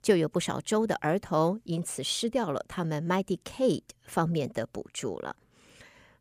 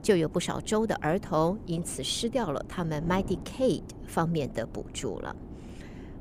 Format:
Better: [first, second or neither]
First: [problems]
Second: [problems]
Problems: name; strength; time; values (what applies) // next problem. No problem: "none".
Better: first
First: none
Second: wind noise on the microphone; occasional gusts; 20 dB below the speech